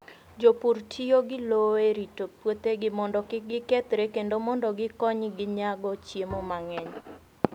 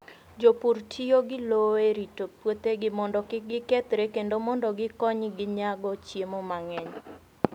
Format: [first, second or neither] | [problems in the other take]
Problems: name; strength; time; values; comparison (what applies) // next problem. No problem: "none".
second | background sound (Bowed string instrument); 17 dB below the speech